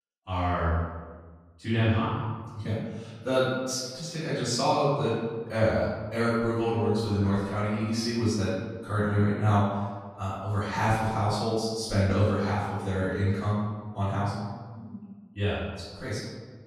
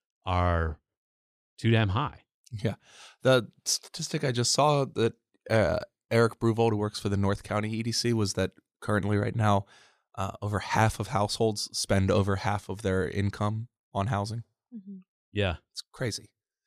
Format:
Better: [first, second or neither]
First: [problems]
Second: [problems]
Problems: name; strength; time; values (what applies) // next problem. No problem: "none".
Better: second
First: off-mic speech; far // room echo; strong; dies away in 1.3 s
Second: none